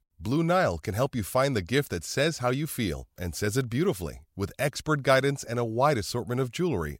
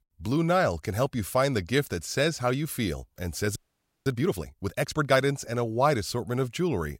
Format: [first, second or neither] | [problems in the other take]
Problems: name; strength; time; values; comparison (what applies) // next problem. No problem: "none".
first | audio freezing; at 3.5 s